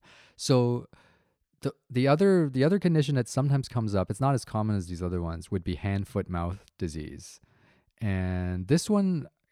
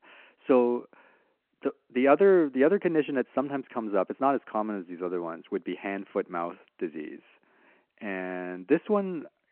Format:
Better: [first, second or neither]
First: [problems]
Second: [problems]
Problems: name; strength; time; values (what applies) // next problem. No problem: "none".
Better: first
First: none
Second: phone-call audio